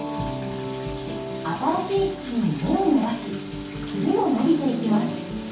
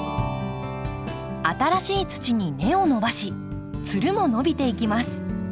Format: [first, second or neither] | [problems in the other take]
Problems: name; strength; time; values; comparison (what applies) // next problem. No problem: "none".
second | background sound (Bathtub (filling or washing)); 18 dB below the speech // room echo; dies away in 0.6 s